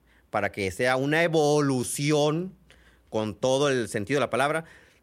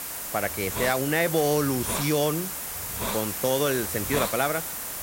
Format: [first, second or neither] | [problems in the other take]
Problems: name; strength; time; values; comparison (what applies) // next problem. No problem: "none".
first | hiss; loud; throughout; 3 dB below the speech